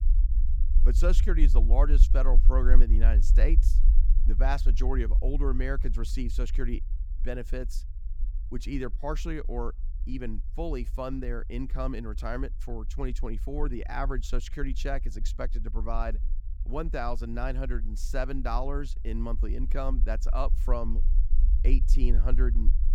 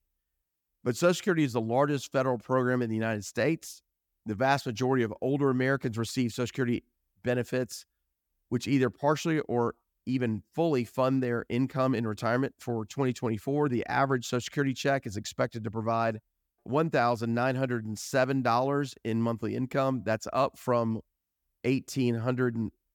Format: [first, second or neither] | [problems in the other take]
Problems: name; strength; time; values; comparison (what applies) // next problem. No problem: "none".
second | low rumble; noticeable; throughout; 15 dB below the speech